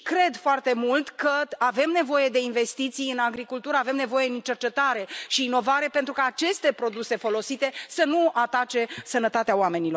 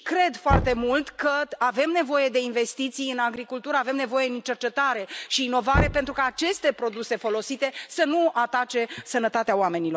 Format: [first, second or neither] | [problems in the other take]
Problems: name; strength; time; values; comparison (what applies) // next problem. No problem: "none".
first | background sound (Knock); 9 dB below the speech